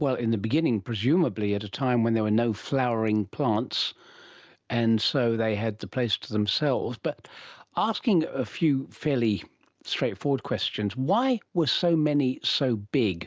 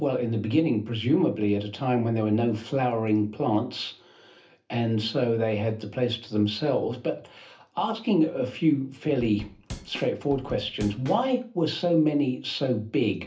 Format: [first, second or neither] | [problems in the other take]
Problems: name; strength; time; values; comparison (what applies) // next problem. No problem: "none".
first | background sound (Drum / Drum kit); 14 dB below the speech // room echo; dies away in 0.3 s